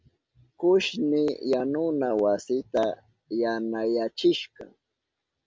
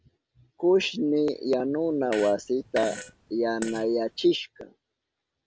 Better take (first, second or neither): first